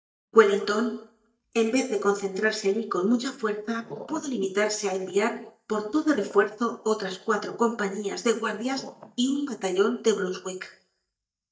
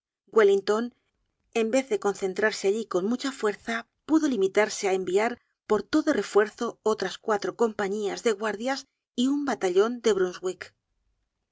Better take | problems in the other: second | noise reduction (neural mask model DeepFilterNet 3)

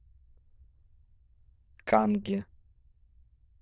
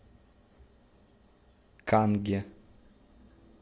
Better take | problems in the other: second | noise reduction (neural diffusion model UNIVERSE++)

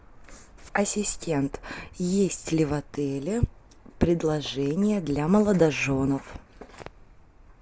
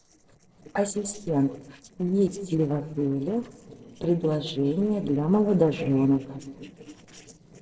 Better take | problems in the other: first | noise reduction (neural separator model SepFormer DNS4)

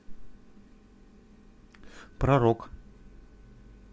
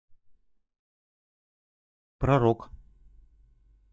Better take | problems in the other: first | noise reduction (neural mask model DeepFilterNet 3)

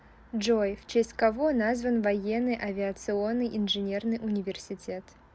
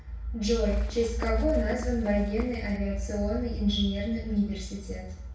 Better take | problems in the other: first | background sound (Run); 18 dB below the speech // room echo; dies away in 0.6 s

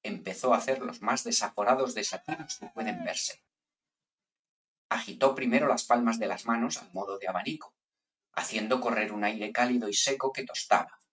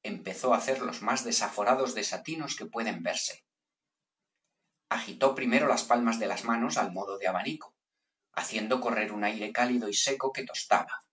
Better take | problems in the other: second | noise reduction (neural mask model RNNoise)

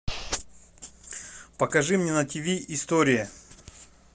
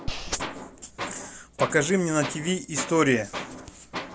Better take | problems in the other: first | background sound (Tools); 10 dB below the speech

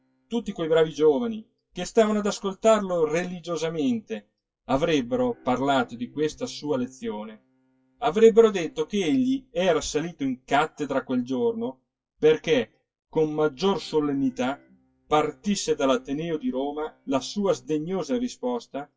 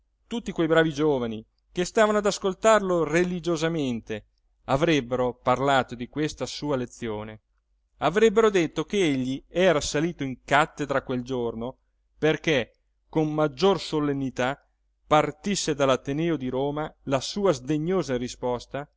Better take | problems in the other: second | noise reduction (classical method WPE with log-MMSE)

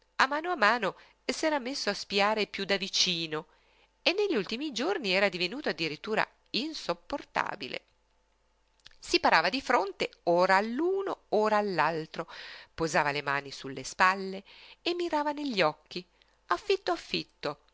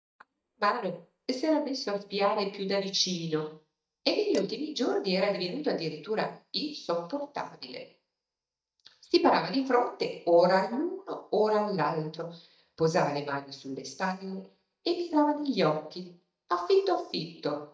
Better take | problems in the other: first | noise reduction (neural mask model DeepFilterNet 3)

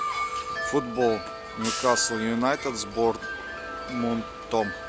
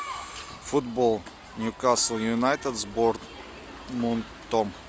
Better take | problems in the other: second | background sound (Wind chime + Hi-hat); 6 dB below the speech

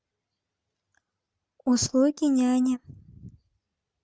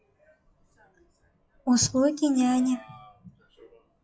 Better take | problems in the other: first | noise reduction (classical method WPE with log-MMSE)

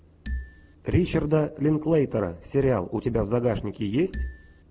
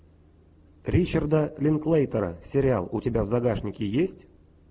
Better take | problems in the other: second | background sound (Marimba, xylophone); 8 dB below the speech

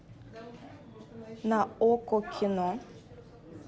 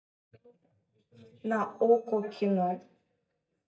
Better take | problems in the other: first | noise reduction (neural mask model DeepFilterNet 3)

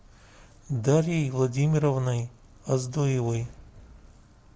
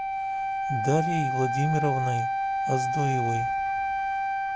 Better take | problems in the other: first | background sound (Wind instrument, woodwind instrument); 2 dB above the speech

